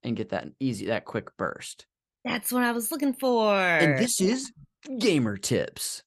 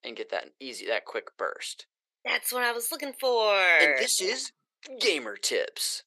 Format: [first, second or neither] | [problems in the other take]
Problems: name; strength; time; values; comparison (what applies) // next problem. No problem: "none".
first | thin; very; fading below 450 Hz